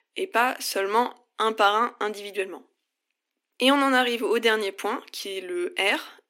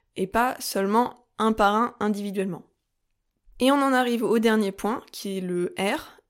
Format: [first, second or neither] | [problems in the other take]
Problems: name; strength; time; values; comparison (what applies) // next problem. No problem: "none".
second | thin; very slightly; fading below 250 Hz